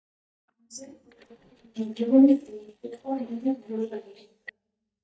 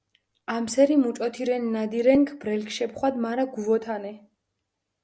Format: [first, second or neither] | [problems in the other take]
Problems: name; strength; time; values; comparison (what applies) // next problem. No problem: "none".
second | noise reduction (neural mask model DeepFilterNet 3)